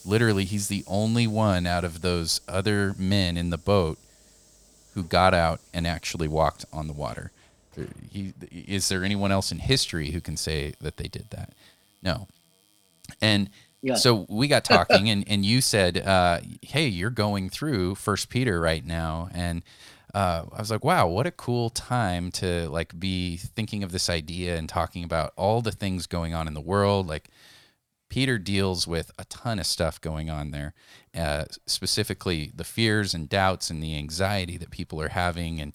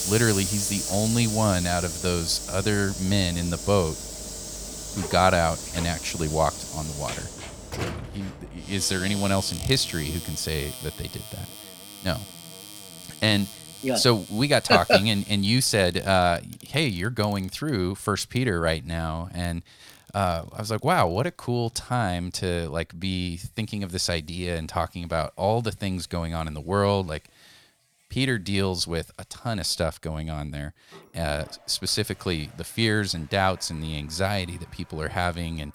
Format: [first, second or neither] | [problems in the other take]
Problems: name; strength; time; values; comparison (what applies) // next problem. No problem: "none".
first | household noises; loud; throughout; 8 dB below the speech; faint in the first